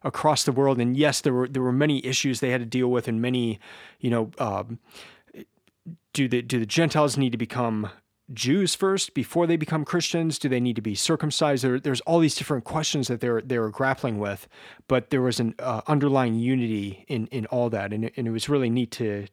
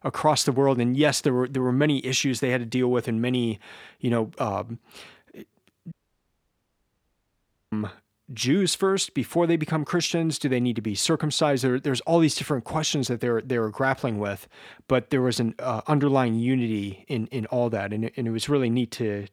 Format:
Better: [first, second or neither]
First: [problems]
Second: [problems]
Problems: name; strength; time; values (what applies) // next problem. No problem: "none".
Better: first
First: none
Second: audio cutting out; at 6 s for 2 s